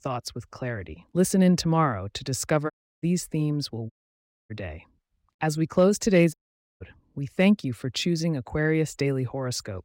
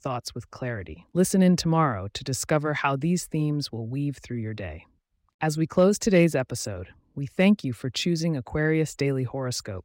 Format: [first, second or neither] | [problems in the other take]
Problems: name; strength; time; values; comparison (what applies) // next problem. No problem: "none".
second | audio cutting out; at 2.5 s, at 4 s for 0.5 s and at 6.5 s